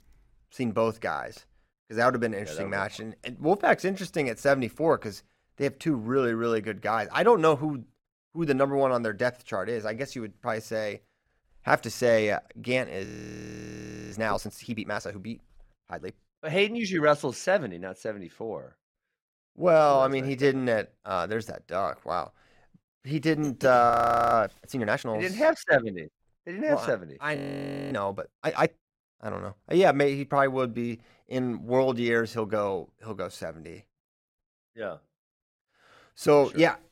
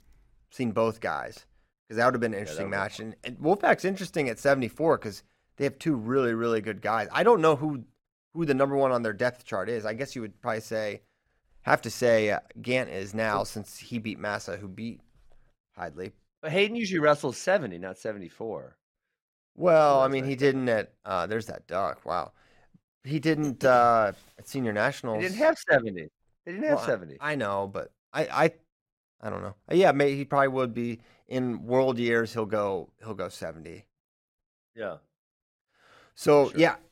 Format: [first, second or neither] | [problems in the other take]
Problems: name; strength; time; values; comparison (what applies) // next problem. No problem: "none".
second | audio freezing; at 13 s for 1 s, at 24 s and at 27 s for 0.5 s